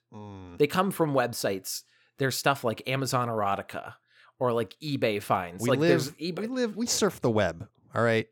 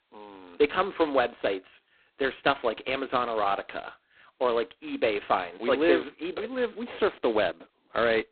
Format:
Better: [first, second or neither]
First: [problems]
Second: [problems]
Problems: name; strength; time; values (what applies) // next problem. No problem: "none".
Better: first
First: none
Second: phone-call audio; poor line; nothing above 4 kHz